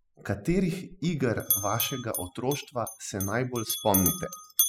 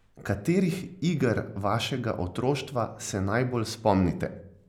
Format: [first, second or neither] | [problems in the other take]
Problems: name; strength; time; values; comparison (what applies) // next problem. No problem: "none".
second | noise reduction (classical method spectral subtraction)